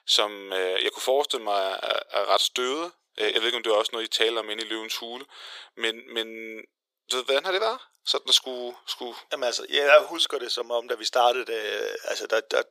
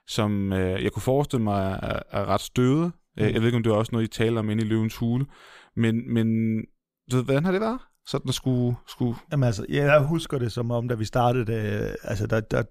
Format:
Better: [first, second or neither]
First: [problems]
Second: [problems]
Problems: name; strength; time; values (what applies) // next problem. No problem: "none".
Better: second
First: thin; very; fading below 400 Hz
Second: none